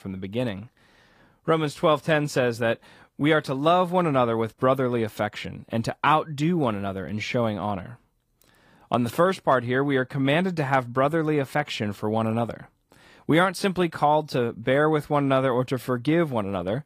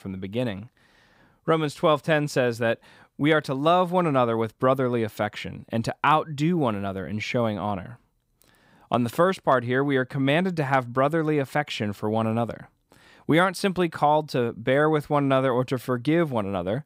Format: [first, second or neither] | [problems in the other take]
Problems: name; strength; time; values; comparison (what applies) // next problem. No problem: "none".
second | garbled, watery; slightly; nothing above 15.5 kHz